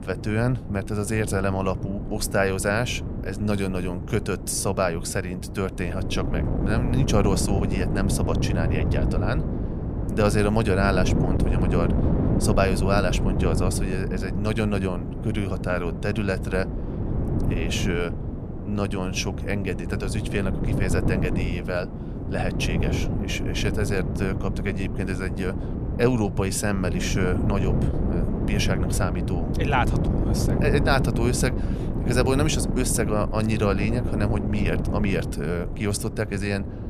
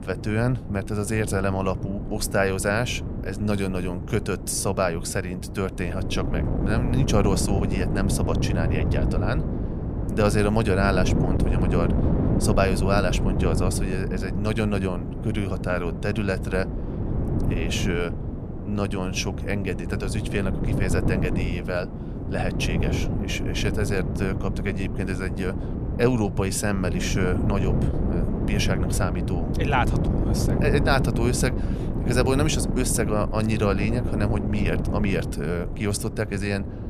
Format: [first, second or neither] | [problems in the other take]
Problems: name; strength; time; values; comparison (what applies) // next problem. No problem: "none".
neither | wind noise on the microphone; heavy; 7 dB below the speech; the same in both